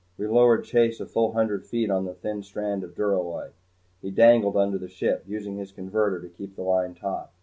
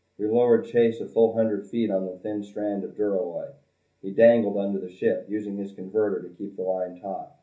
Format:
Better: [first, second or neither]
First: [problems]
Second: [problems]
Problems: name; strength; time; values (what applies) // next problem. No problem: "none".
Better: first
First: none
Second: room echo; dies away in 0.3 s